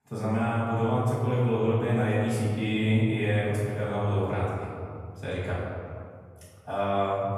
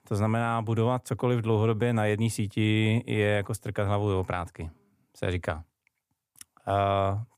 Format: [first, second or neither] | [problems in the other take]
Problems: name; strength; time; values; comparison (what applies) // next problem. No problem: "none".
second | off-mic speech; far // room echo; strong; dies away in 2 s